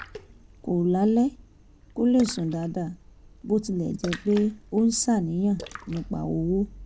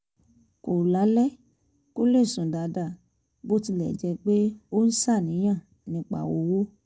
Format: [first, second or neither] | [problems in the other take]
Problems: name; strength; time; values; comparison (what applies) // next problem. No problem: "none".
second | background sound (Splash, splatter); 18 dB below the speech